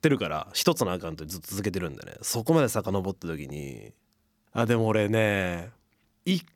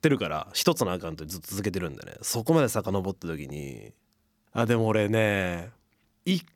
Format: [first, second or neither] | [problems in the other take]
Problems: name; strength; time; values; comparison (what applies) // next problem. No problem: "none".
neither | none